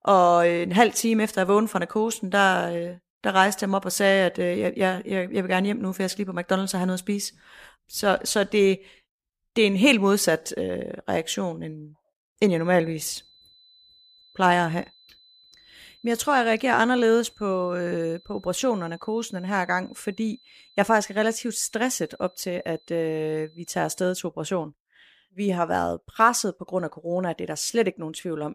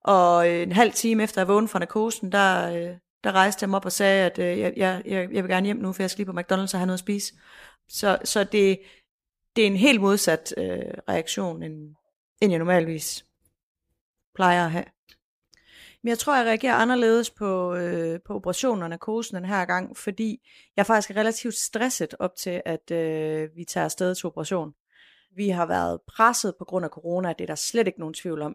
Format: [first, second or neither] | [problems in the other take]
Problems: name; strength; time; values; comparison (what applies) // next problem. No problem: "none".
second | high-pitched whine; faint; from 12 to 24 s; 4 kHz, 30 dB below the speech